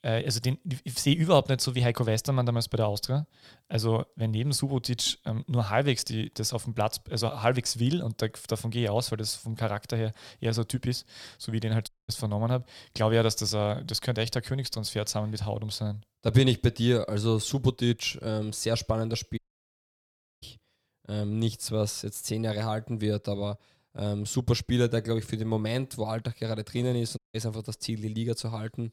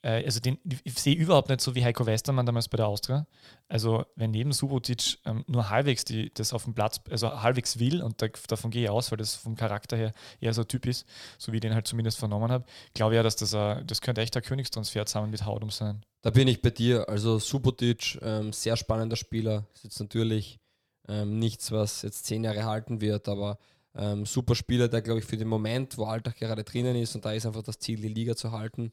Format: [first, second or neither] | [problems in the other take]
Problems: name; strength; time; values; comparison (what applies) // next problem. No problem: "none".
second | audio cutting out; at 12 s, at 19 s for 1 s and at 27 s